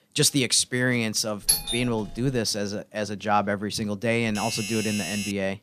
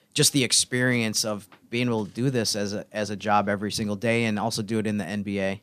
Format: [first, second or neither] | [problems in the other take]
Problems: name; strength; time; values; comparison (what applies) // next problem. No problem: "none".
second | doorbell; loud; at 1.5 s; peak 3 dB above the speech // doorbell; noticeable; from 4.5 s on; peak 5 dB below the speech